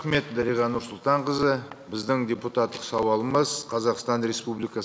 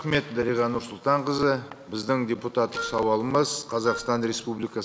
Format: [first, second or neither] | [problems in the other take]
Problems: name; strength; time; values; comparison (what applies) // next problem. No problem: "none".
first | background sound (Wind instrument, woodwind instrument); 11 dB below the speech